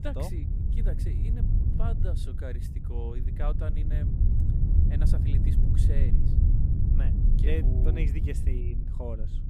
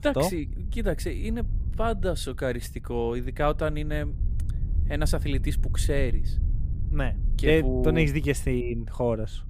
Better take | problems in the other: second | wind noise on the microphone; heavy; as loud as the speech; occasional gusts in the second

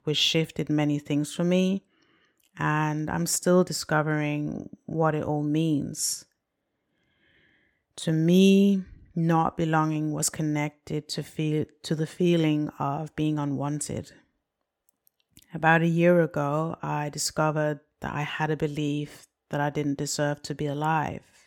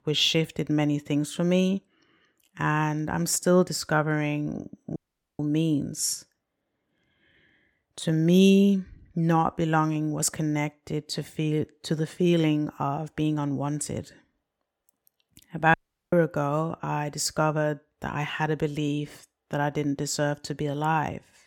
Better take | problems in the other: first | audio cutting out; at 5 s and at 16 s

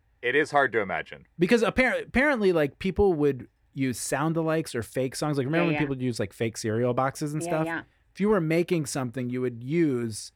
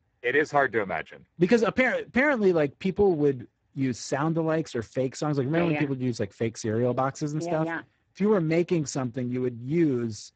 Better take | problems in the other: first | garbled, watery; badly; nothing above 7.5 kHz

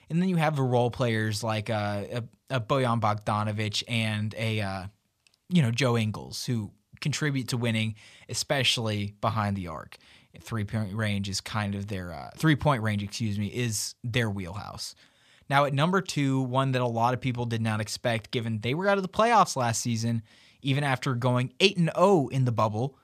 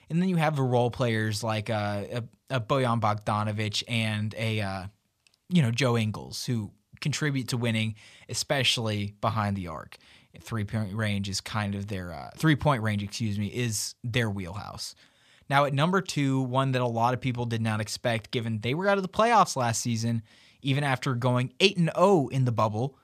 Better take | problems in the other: neither | none

